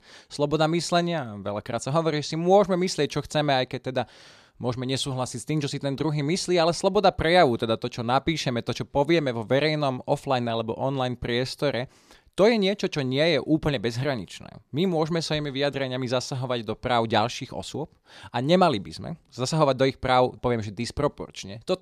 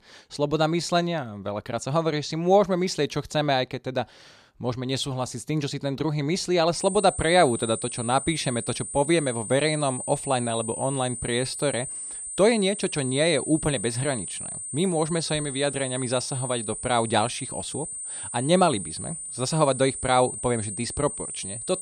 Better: first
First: none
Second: high-pitched whine; loud; from 7 s on; 8.5 kHz, 7 dB below the speech

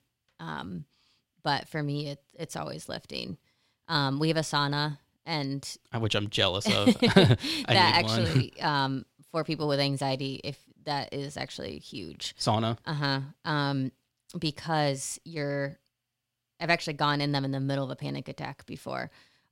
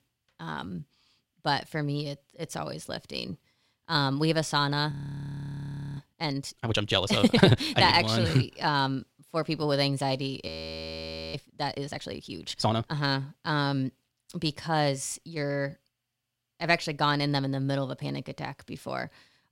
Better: first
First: none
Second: audio freezing; at 5 s for 1 s and at 10 s for 1 s

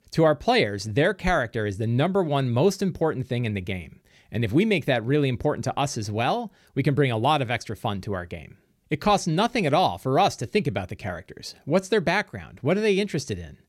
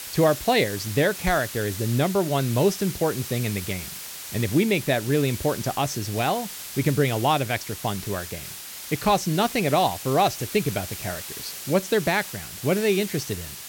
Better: first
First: none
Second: hiss; loud; throughout; 10 dB below the speech

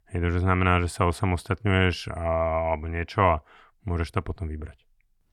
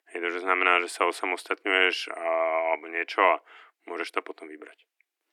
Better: first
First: none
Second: thin; very; fading below 300 Hz

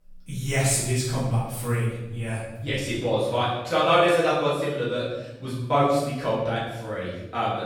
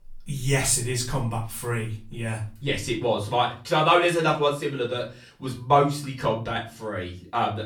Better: second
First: room echo; strong; dies away in 0.9 s // off-mic speech; far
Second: room echo; slight; dies away in 0.3 s // off-mic speech; far

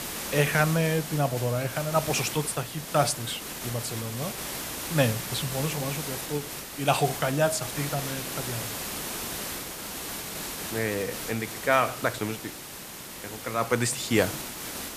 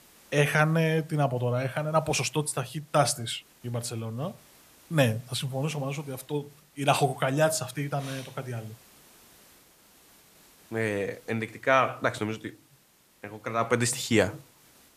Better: second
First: hiss; loud; throughout; 6 dB below the speech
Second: hiss; faint; throughout; 30 dB below the speech

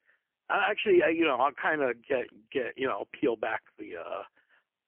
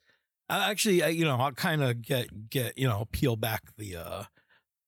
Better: second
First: phone-call audio; poor line; nothing above 3 kHz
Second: none

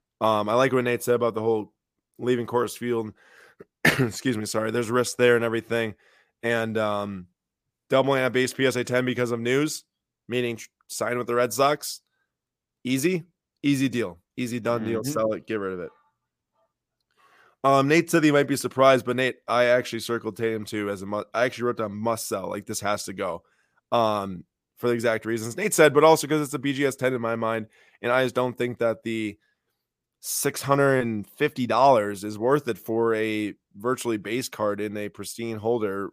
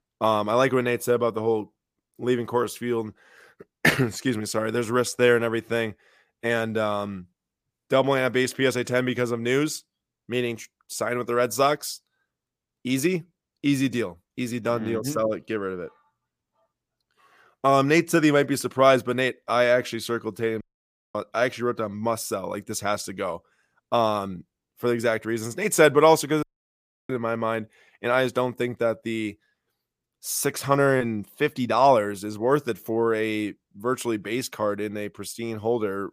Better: first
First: none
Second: audio cutting out; at 21 s for 0.5 s and at 26 s for 0.5 s

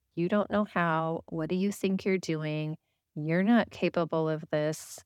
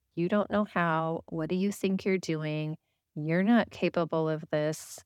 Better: neither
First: none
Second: none

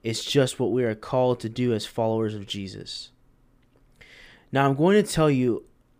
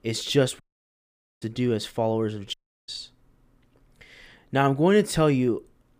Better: first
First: none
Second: audio cutting out; at 0.5 s for 1 s and at 2.5 s

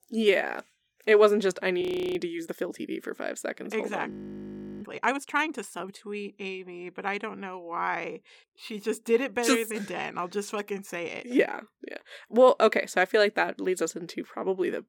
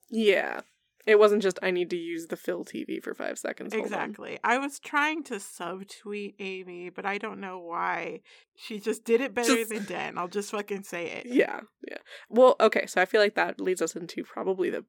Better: second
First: audio freezing; at 2 s and at 4 s for 0.5 s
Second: none

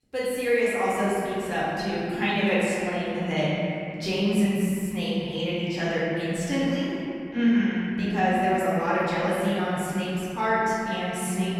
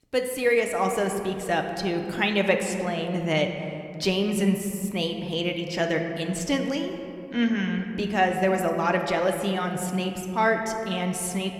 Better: second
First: room echo; strong; dies away in 3 s // off-mic speech; far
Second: room echo; slight; dies away in 2 s

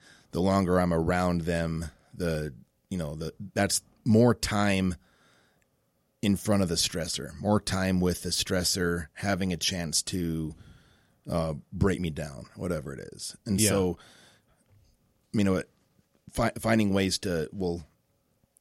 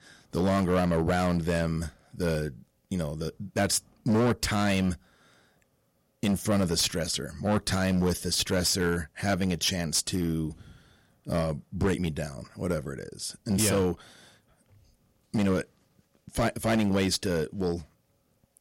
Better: first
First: none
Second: distortion; slight; 6% of the sound clipped

